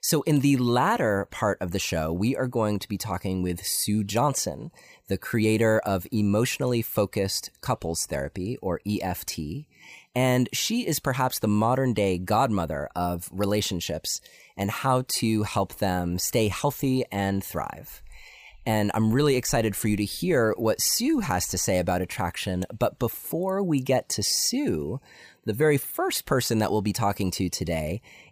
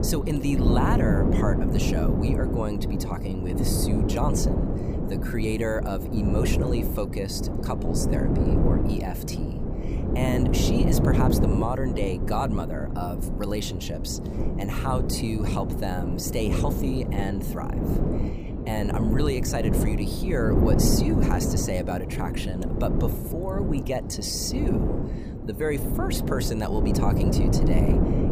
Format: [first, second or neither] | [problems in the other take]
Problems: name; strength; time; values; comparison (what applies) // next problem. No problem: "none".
first | wind noise on the microphone; heavy; 1 dB below the speech